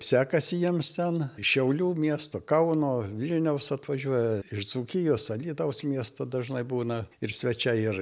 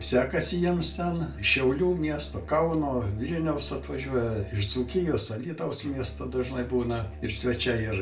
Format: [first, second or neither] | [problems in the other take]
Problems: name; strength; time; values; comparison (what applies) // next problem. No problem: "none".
first | background sound (Musical instrument); 12 dB below the speech // room echo; dies away in 0.3 s